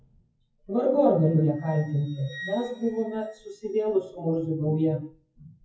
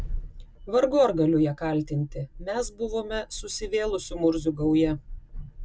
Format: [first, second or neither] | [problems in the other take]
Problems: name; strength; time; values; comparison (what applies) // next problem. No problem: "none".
second | noise reduction (classical method WPE with log-MMSE)